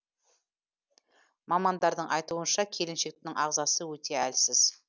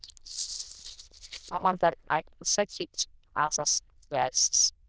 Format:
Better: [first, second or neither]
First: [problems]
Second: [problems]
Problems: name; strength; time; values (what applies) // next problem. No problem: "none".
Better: first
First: none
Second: noise reduction (neural diffusion model UNIVERSE++)